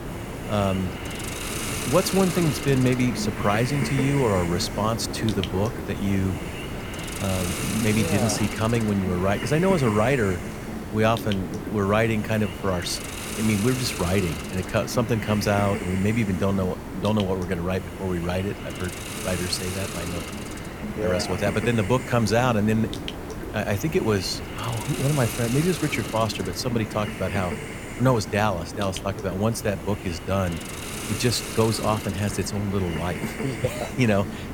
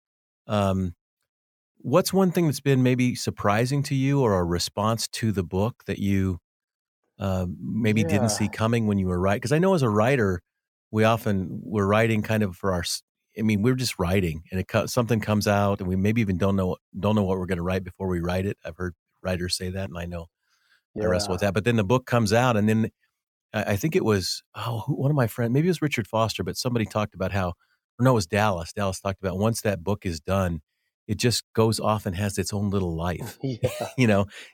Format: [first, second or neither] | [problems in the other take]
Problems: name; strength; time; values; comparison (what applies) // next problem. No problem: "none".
second | hiss; loud; throughout; 7 dB below the speech